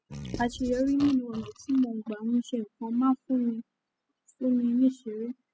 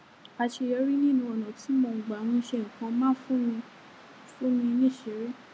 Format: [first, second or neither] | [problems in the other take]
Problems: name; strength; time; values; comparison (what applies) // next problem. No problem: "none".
second | noise reduction (classical method spectral subtraction)